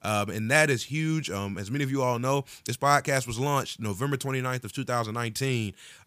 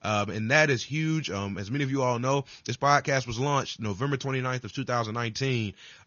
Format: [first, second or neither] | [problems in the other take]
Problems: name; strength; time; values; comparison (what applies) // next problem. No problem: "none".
first | garbled, watery; slightly; nothing above 6.5 kHz